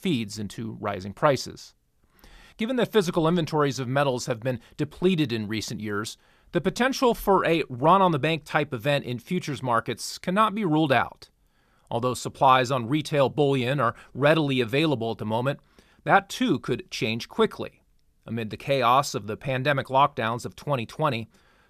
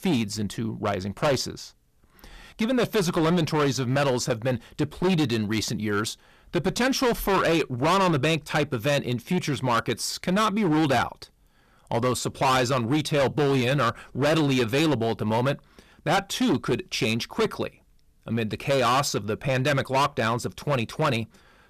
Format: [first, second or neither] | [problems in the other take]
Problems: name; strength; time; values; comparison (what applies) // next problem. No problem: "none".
first | distortion; heavy; 14% of the sound clipped